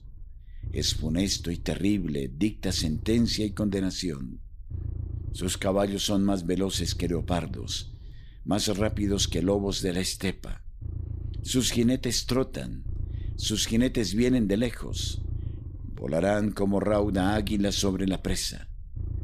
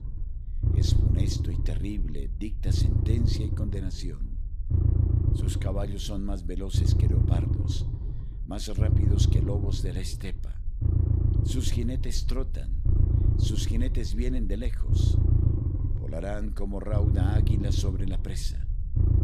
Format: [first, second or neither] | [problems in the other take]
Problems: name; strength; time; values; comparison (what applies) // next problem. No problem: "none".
first | low rumble; loud; throughout; 1 dB below the speech; faint in the first